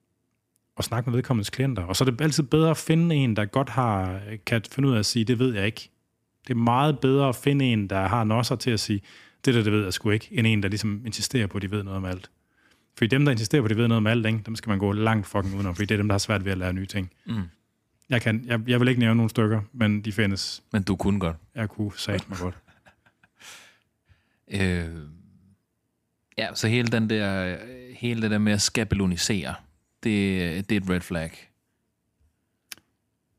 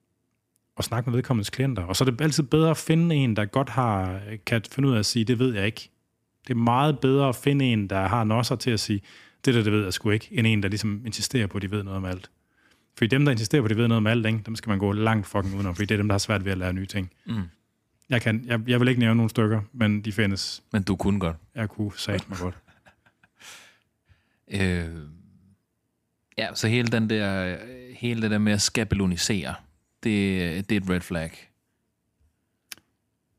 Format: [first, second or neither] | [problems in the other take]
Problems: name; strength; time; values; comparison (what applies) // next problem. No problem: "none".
neither | none